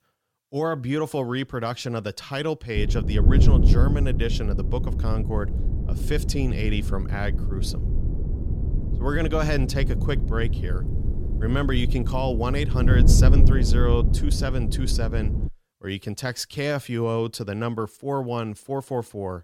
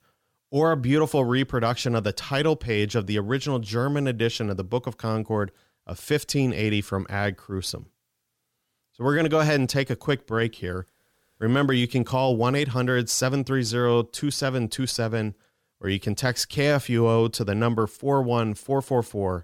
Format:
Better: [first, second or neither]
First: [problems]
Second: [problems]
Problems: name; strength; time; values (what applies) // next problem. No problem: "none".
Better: second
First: wind noise on the microphone; heavy; from 3 to 15 s; 8 dB below the speech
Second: none